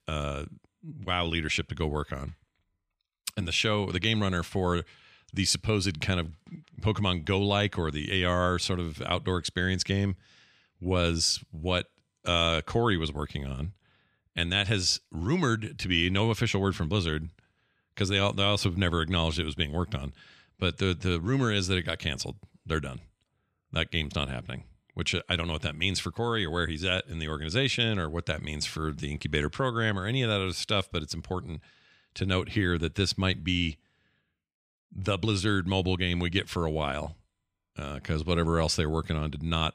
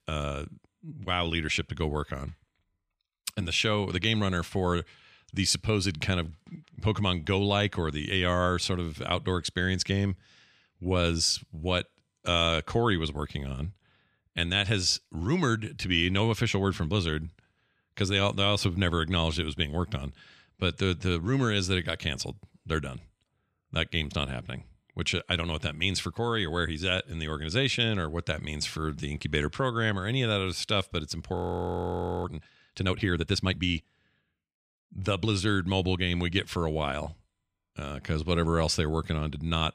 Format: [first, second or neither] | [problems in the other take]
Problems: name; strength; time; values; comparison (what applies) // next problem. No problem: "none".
first | audio freezing; at 31 s for 1 s